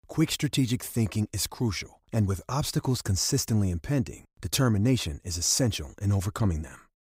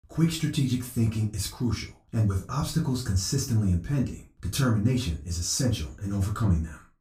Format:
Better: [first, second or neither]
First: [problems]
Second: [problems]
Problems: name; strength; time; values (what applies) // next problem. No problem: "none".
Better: first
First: none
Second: off-mic speech; far // room echo; very slight; dies away in 0.2 s